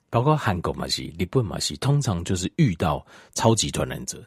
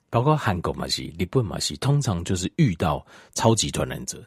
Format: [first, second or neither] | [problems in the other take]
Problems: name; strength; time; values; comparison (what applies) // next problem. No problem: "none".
neither | none